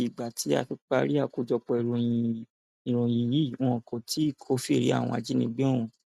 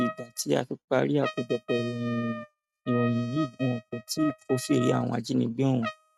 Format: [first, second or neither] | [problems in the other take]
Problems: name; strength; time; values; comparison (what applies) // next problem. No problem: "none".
first | noise reduction (neural mask model RNNoise)